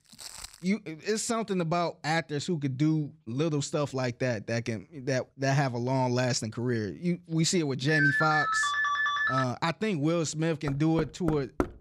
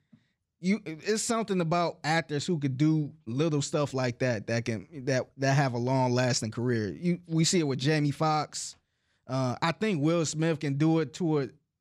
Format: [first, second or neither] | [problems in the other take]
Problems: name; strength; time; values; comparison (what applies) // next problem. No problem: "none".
second | footsteps; faint; at the start; peak 10 dB below the speech // phone ringing; loud; from 8 to 9.5 s; peak 5 dB above the speech // door banging; noticeable; at 11 s; peak 4 dB below the speech